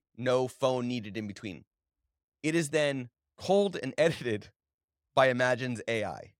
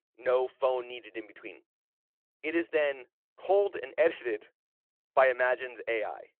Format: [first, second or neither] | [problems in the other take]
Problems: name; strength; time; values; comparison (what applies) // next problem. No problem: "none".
first | phone-call audio